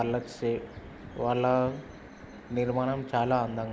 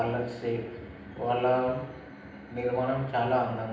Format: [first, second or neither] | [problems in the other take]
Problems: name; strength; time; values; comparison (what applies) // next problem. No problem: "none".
first | room echo; dies away in 0.9 s